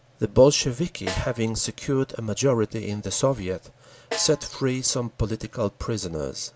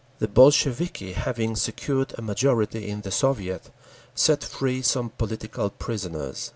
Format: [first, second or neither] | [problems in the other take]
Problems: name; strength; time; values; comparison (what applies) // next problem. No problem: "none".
second | background sound (Snare drum); 15 dB below the speech